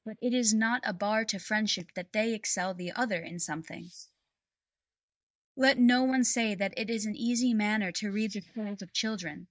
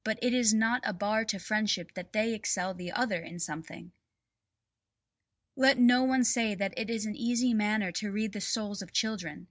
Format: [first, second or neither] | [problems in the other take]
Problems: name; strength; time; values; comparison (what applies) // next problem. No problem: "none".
second | noise reduction (neural mask model DeepFilterNet 3)